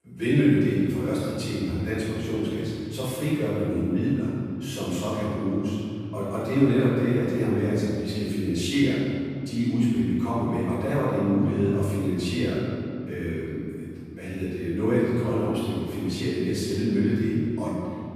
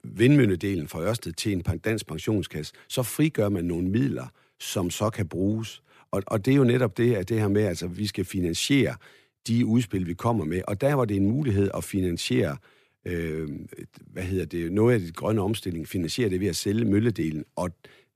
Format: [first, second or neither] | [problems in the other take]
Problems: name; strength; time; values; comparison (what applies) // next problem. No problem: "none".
second | off-mic speech; far // room echo; strong; dies away in 2.3 s